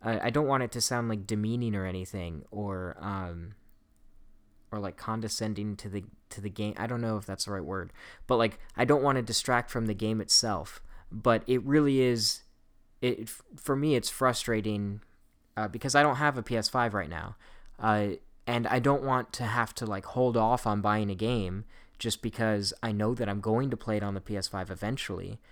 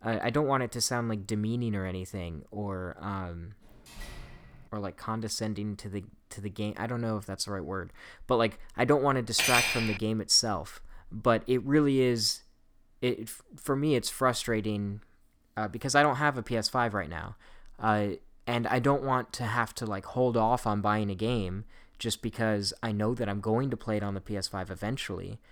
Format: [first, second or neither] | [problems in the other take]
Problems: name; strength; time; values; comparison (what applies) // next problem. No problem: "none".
first | door banging; faint; from 3.5 to 4.5 s; peak 15 dB below the speech // clattering dishes; loud; at 9.5 s; peak 5 dB above the speech